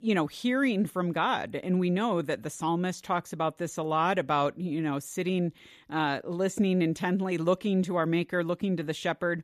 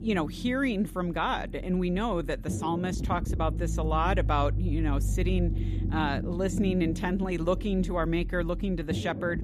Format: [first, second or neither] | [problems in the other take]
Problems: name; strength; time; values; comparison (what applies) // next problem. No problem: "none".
first | low rumble; noticeable; throughout; 15 dB below the speech